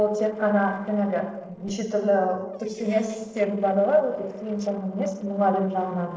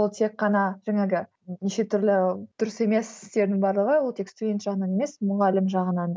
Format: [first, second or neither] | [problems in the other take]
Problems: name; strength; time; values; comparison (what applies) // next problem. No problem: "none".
second | noise reduction (neural separator model SepFormer DNS4)